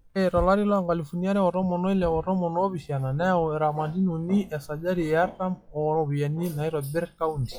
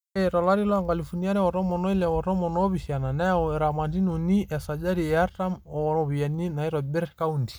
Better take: second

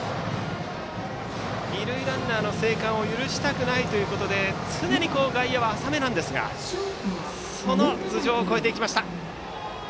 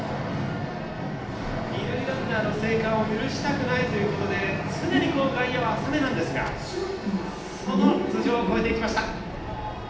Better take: first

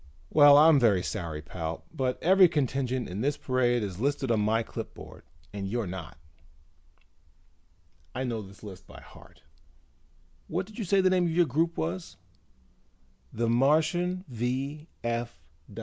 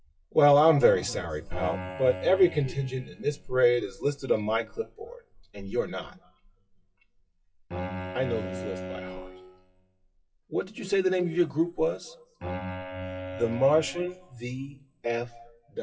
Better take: first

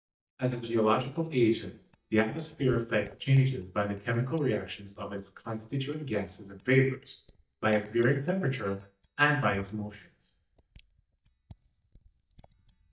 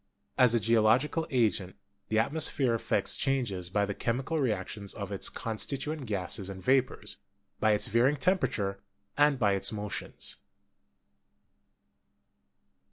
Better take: second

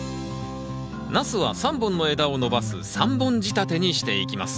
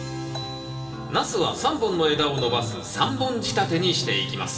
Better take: first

